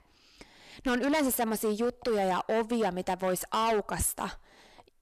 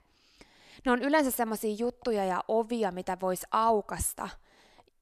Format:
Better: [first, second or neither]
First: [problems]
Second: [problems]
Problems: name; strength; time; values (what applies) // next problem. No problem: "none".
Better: second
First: distortion; heavy; 12% of the sound clipped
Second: none